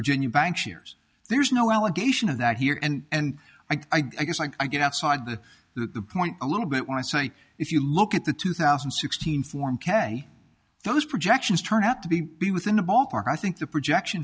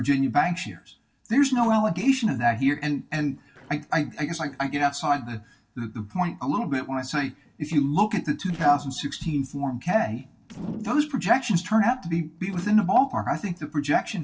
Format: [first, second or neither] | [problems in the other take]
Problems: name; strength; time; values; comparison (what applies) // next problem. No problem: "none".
first | noise reduction (neural separator model SepFormer DNS4)